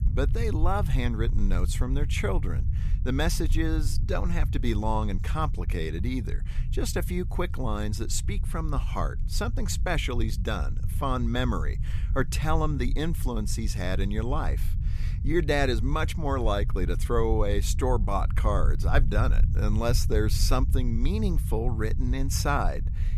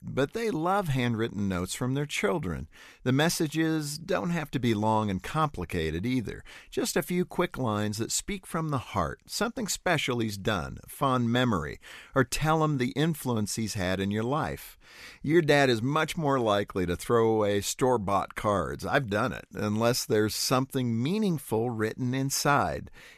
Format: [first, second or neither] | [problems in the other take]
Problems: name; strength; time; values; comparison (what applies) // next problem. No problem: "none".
second | low rumble; noticeable; throughout; 15 dB below the speech